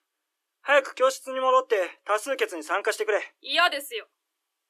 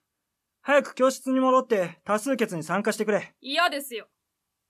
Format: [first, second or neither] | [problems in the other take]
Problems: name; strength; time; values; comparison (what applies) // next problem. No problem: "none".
second | thin; very; fading below 300 Hz